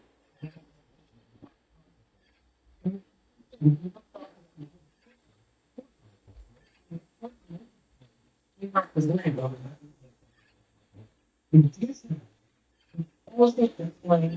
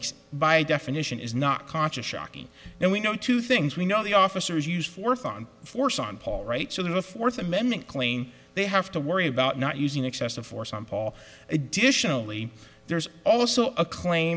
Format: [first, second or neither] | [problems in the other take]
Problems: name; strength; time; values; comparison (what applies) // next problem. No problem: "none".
second | noise reduction (neural mask model DeepFilterNet 3)